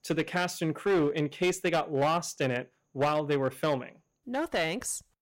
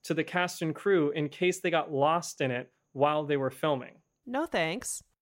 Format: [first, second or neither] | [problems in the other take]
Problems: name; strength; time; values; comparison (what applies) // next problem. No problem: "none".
second | distortion; slight; 7% of the sound clipped